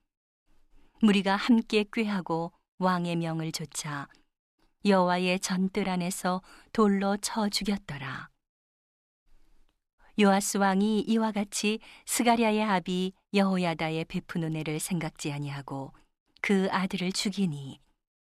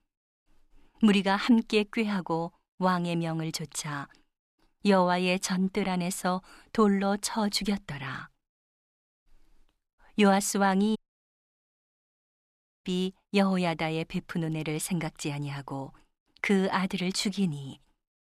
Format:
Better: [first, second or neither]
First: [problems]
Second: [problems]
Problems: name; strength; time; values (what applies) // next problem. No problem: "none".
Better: first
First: none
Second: audio cutting out; at 11 s for 2 s